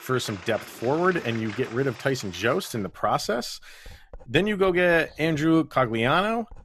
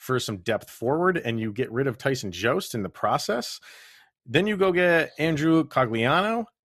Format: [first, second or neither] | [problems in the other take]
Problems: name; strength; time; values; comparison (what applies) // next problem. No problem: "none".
second | household noises; noticeable; throughout; 20 dB below the speech